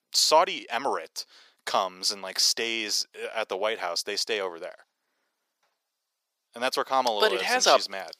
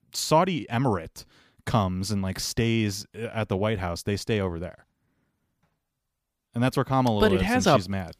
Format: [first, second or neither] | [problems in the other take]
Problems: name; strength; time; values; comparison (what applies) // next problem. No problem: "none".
second | thin; very; fading below 500 Hz